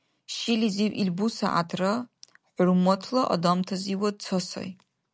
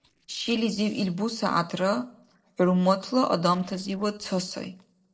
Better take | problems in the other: first | noise reduction (neural separator model SepFormer DNS4)

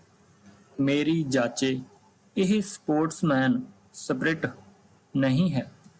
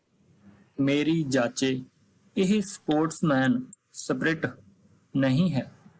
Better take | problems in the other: first | noise reduction (neural mask model Resemble Enhance denoiser)

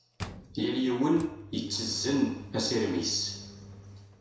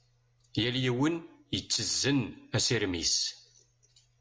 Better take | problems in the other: second | background sound (Engine); 14 dB below the speech // room echo; dies away in 0.7 s

